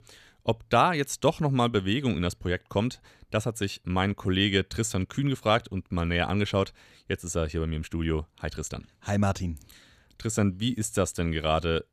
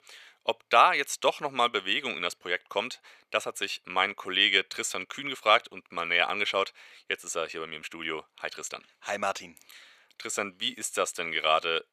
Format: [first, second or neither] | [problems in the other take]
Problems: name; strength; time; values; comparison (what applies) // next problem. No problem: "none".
first | thin; very; fading below 600 Hz